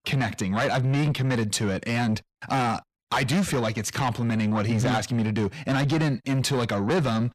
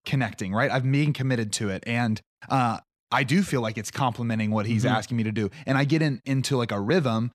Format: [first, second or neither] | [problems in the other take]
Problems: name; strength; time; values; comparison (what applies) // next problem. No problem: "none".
second | distortion; heavy; 8 dB below the speech